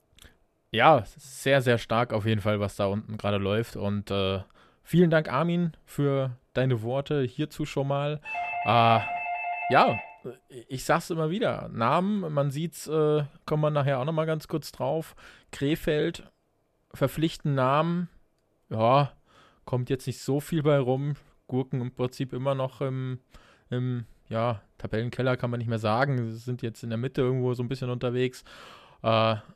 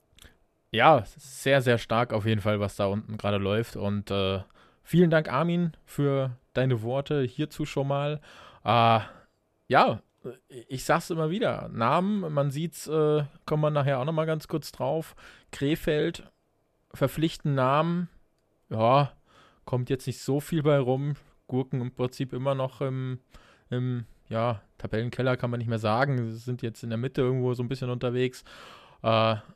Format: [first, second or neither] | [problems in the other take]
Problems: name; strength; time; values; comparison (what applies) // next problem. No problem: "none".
second | doorbell; noticeable; from 8.5 to 10 s; peak 3 dB below the speech